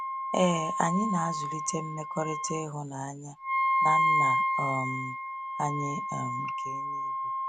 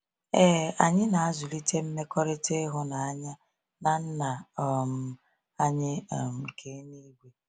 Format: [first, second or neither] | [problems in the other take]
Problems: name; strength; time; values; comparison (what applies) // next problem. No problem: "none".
second | background sound (Wind instrument, woodwind instrument); 3 dB above the speech